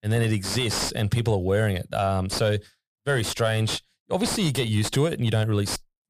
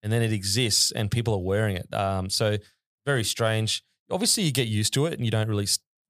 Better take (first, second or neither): second